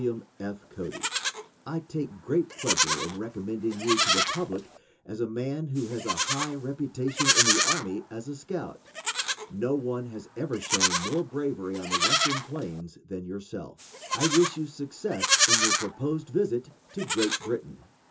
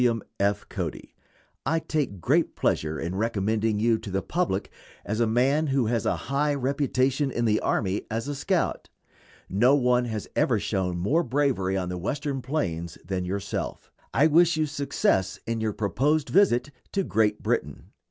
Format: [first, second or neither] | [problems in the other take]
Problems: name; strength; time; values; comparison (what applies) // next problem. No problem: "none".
second | background sound (Livestock, farm animals, working animals); 1 dB above the speech // room echo; dies away in 0.2 s